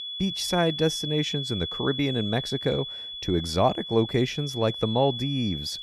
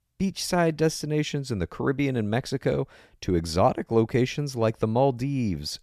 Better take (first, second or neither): second